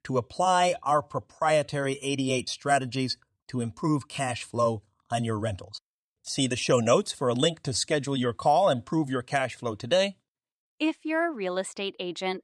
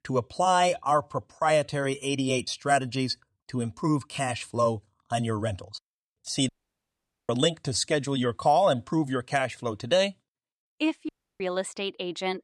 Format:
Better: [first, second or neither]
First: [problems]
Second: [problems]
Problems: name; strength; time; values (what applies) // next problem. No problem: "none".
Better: first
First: none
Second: audio cutting out; at 6.5 s for 1 s and at 11 s